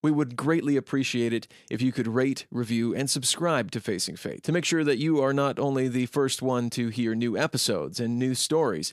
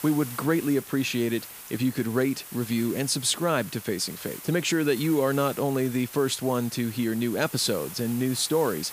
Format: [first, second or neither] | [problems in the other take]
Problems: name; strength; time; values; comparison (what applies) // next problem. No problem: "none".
first | hiss; noticeable; throughout; 15 dB below the speech